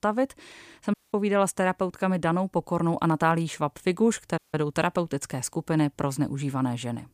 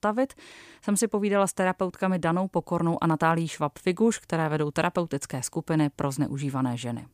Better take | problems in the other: second | audio cutting out; at 1 s and at 4.5 s

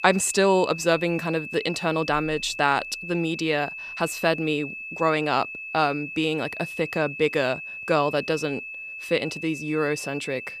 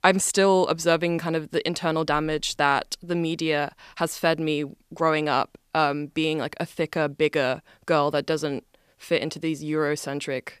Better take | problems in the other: second | high-pitched whine; loud; throughout; 2.5 kHz, 9 dB below the speech

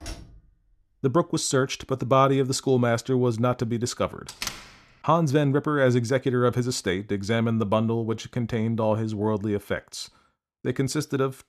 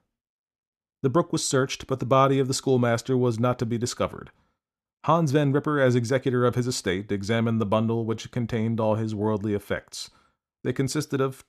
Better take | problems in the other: second | door banging; faint; at the start; peak 15 dB below the speech // door banging; noticeable; at 4.5 s; peak 8 dB below the speech

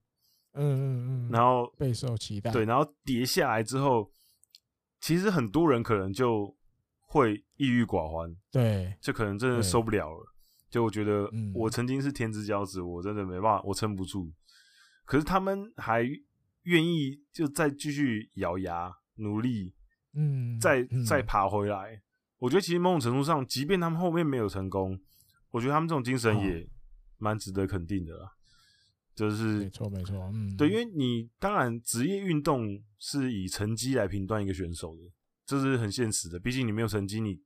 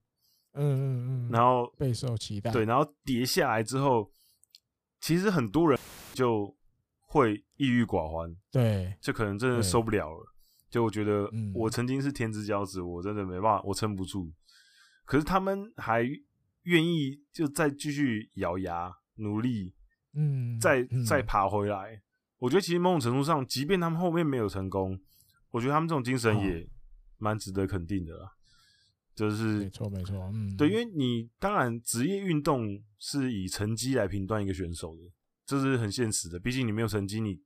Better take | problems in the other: first | audio cutting out; filled with static; at 6 s

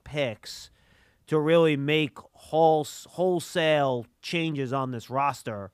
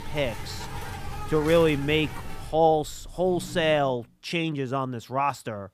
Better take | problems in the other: first | animal sounds; noticeable; until 3.5 s; 15 dB below the speech

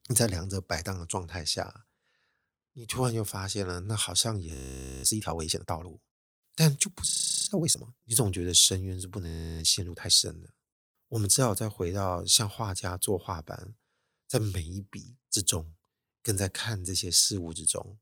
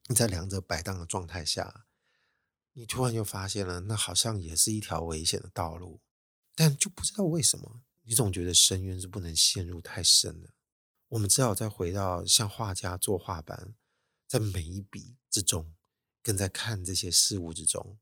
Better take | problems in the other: second | audio freezing; at 4.5 s, at 7 s and at 9.5 s

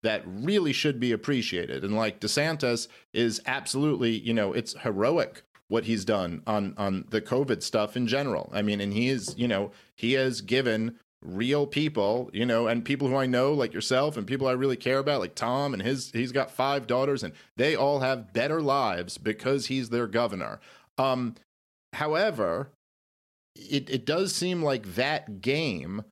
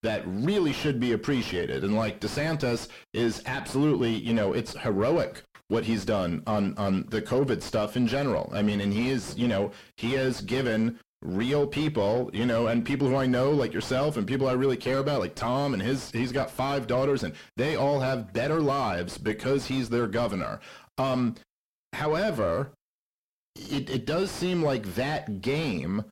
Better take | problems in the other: first | distortion; heavy; 6 dB below the speech

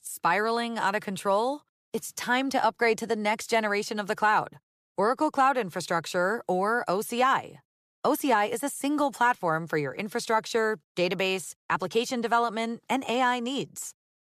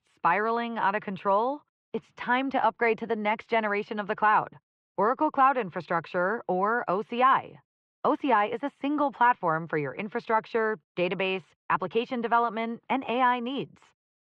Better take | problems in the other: first | muffled; very; fading above 3 kHz

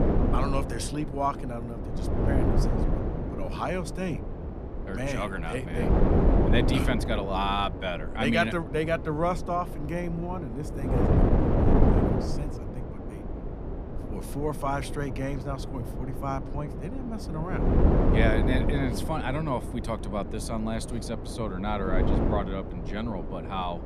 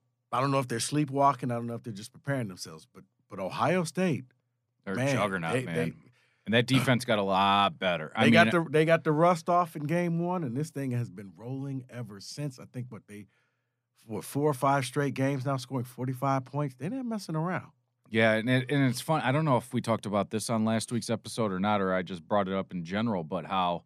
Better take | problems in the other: second | wind noise on the microphone; heavy; 3 dB below the speech

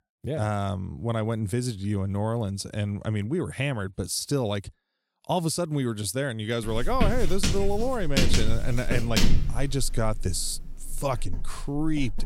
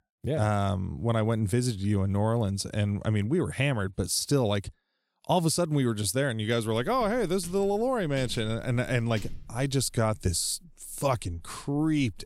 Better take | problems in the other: second | household noises; loud; from 6.5 s on; 2 dB below the speech; faint in the second

